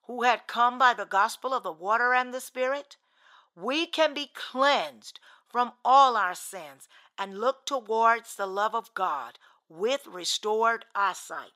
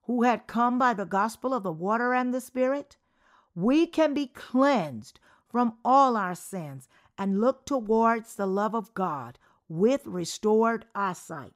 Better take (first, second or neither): second